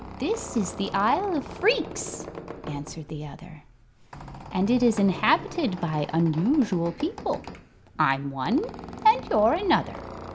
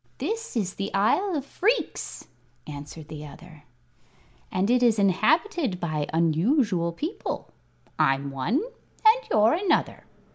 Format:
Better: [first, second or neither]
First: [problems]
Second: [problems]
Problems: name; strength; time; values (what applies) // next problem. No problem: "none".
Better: second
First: background sound (Squeak); 13 dB below the speech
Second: none